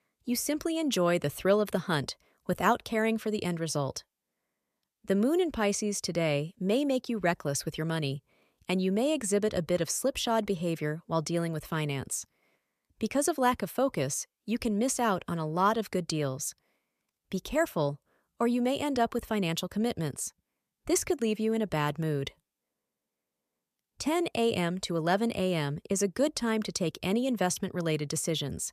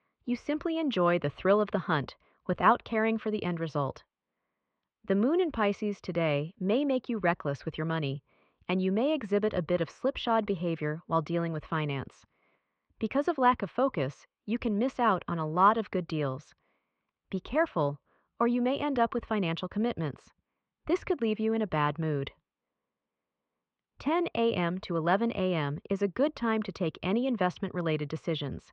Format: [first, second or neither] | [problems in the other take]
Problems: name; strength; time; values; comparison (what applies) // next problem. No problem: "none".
first | muffled; very; fading above 3 kHz